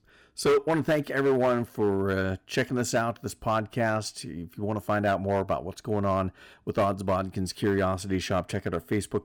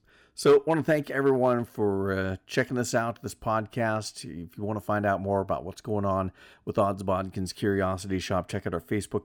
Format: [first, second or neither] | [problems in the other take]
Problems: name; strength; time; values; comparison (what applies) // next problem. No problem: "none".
second | distortion; slight; 4% of the sound clipped